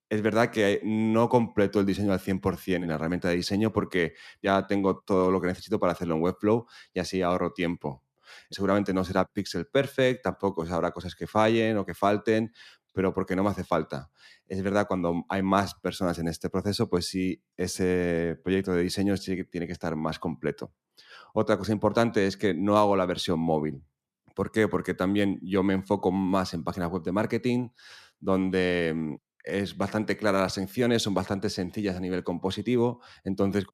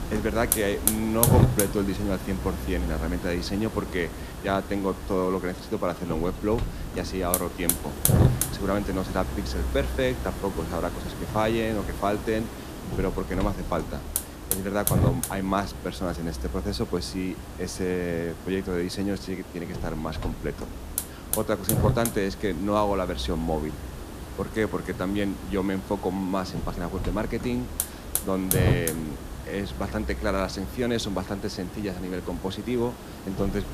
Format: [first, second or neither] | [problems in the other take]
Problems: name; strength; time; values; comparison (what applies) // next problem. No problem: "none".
first | hiss; loud; throughout; 2 dB below the speech